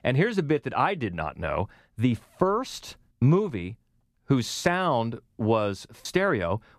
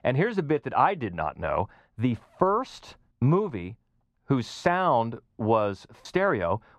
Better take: first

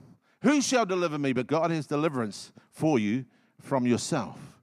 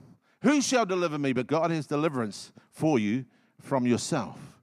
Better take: neither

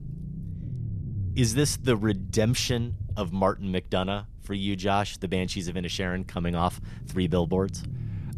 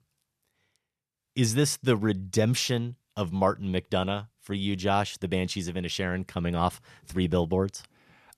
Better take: second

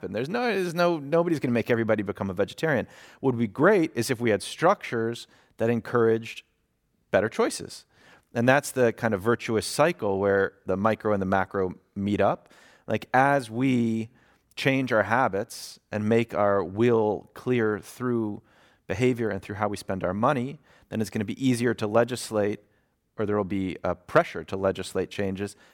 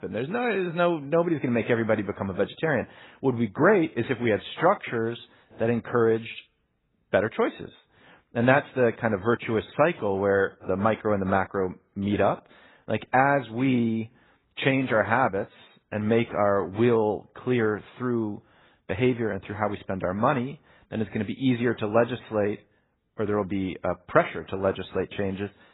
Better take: first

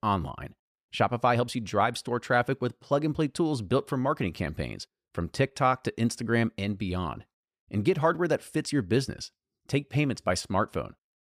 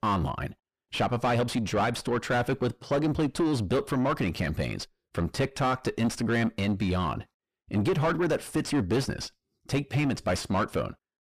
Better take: first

